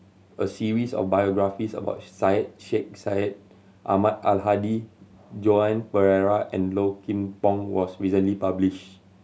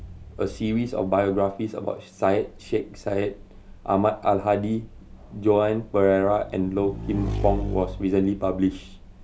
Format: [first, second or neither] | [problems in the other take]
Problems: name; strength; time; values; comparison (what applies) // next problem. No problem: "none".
first | background sound (Motorcycle / Engine); 12 dB below the speech